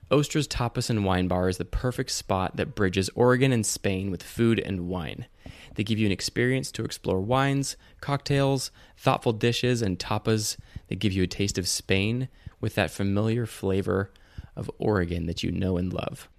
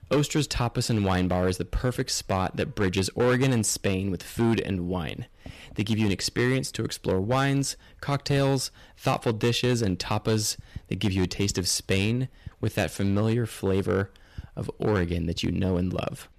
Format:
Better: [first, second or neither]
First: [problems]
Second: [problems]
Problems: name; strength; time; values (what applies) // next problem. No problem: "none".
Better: first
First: none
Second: distortion; slight; 5% of the sound clipped